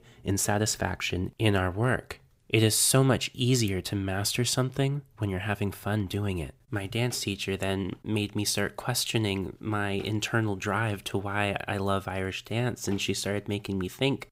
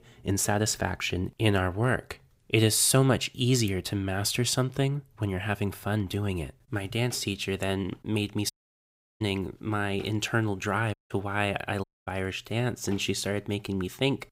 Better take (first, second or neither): first